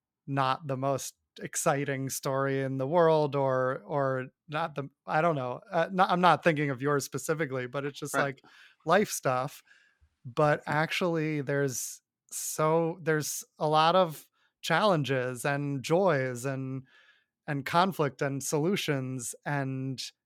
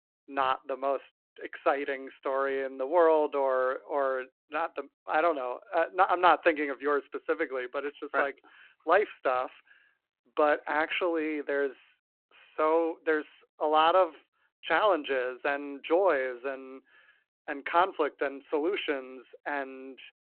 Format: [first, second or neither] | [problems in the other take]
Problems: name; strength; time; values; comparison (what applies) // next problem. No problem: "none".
first | phone-call audio